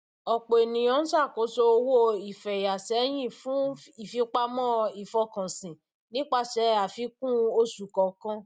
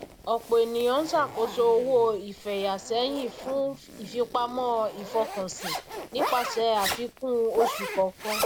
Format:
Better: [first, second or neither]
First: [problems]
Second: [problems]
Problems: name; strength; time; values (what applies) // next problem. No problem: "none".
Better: first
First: none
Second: background sound (Zipper (clothing)); 9 dB below the speech